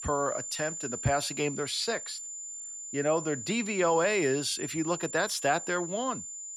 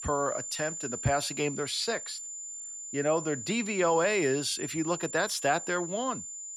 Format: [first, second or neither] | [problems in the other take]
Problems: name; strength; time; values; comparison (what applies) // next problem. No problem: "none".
neither | high-pitched whine; loud; throughout; 7 kHz, 7 dB below the speech; the same in both